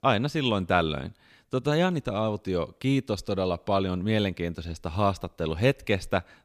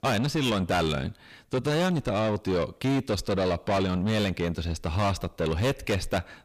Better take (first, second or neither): first